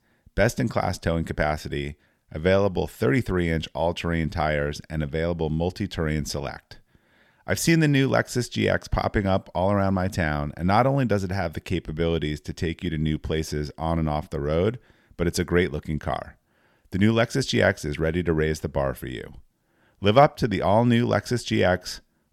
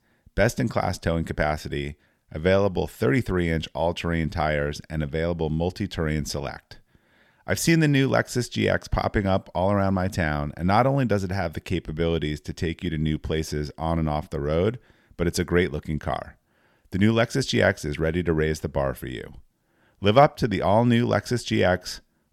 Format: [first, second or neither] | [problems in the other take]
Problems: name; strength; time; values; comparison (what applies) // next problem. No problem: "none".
neither | none